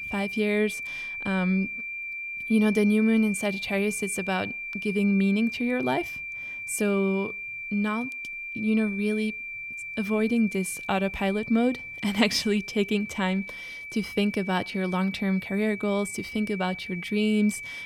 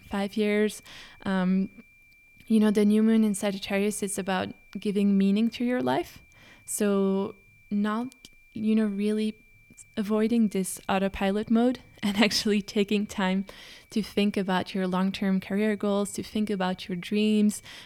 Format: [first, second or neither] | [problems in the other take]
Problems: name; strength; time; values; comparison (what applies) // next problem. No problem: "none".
second | high-pitched whine; loud; throughout; 2.5 kHz, 7 dB below the speech; faint in the second